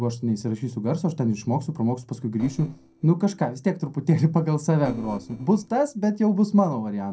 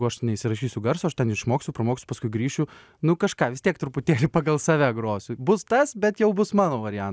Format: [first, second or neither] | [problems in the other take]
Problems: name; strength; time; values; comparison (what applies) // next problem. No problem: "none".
second | noise reduction (neural separator model SepFormer DNS4)